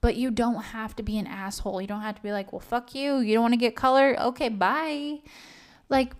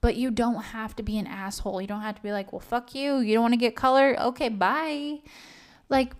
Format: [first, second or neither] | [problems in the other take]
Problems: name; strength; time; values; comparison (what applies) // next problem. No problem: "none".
neither | none